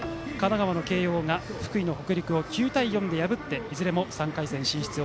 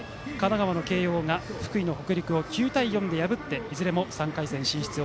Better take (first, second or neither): second